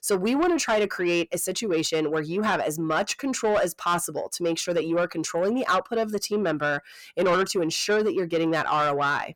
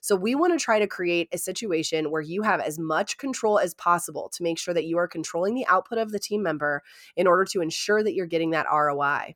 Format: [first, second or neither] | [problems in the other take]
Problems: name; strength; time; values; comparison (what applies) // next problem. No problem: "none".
second | distortion; slight; 10 dB below the speech